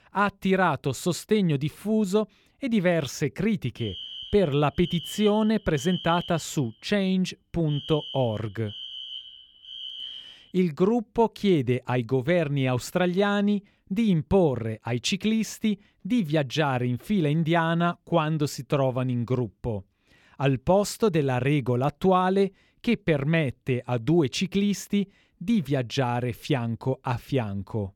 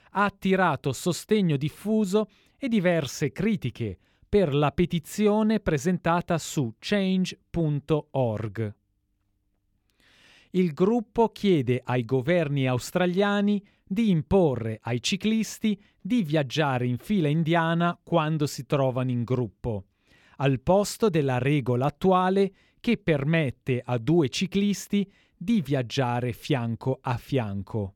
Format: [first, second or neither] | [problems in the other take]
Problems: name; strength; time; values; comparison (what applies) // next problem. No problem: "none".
second | alarm; noticeable; from 4 to 10 s; peak 9 dB below the speech